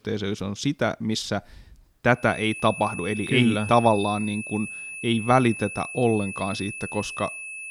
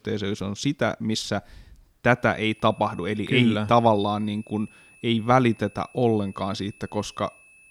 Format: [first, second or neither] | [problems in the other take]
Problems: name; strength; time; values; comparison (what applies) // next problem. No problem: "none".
second | high-pitched whine; loud; from 2.5 s on; 2.5 kHz, 9 dB below the speech; faint in the second